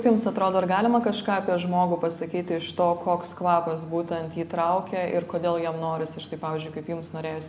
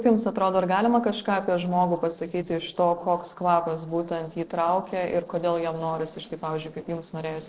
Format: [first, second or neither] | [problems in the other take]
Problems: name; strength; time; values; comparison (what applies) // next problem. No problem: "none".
first | noise reduction (neural separator model SepFormer DNS4)